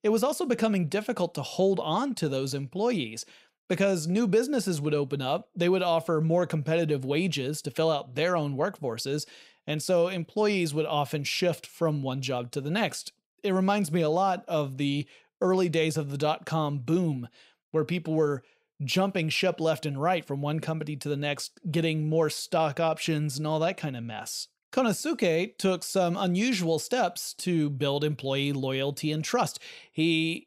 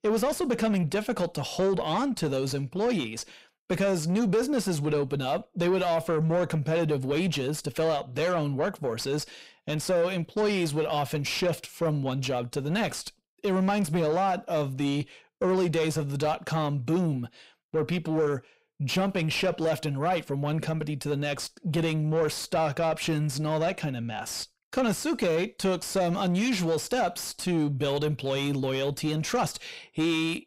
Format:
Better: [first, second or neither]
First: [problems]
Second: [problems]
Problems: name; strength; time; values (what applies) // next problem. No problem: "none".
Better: first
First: none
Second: distortion; slight; 10 dB below the speech